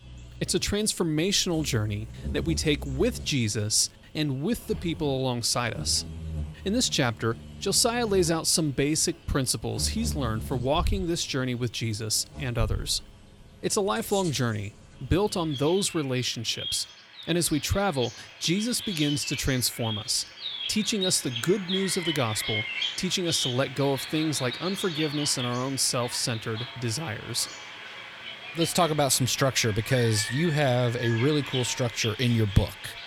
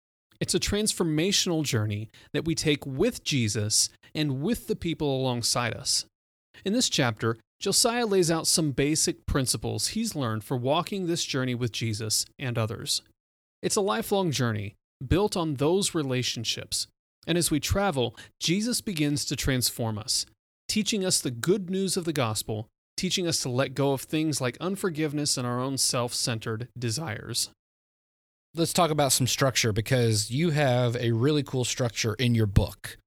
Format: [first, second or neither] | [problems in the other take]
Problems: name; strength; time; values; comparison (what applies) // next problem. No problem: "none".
second | animal sounds; loud; throughout; 9 dB below the speech